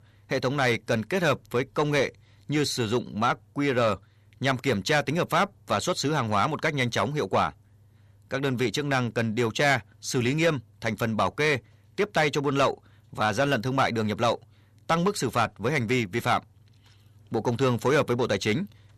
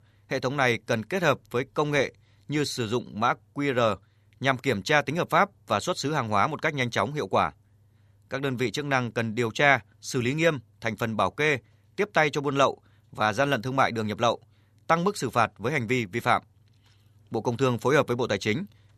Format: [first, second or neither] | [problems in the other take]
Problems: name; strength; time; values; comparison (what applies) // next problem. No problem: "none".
second | distortion; slight; 10 dB below the speech